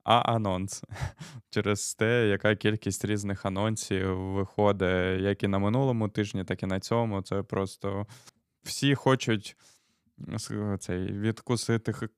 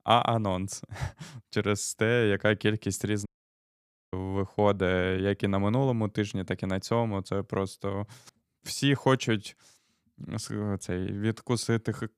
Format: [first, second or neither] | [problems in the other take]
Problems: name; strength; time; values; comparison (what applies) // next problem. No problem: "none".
first | audio cutting out; at 3.5 s for 1 s